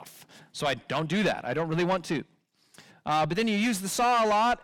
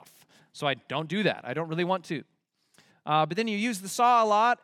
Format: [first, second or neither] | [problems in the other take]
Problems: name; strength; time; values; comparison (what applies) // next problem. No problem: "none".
second | distortion; heavy; 7 dB below the speech